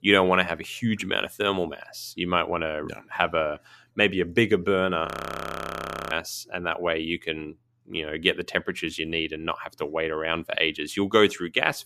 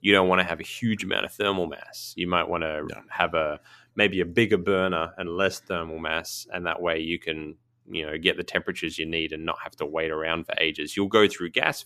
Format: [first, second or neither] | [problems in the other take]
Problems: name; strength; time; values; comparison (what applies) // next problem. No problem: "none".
second | audio freezing; at 5 s for 1 s